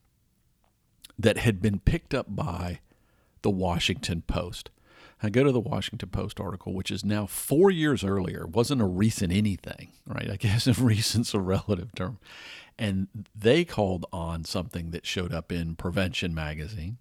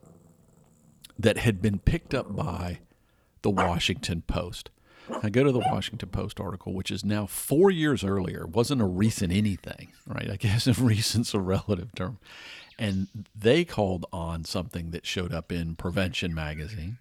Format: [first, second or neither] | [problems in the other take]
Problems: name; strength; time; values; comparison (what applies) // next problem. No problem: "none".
first | animal sounds; loud; throughout; 8 dB below the speech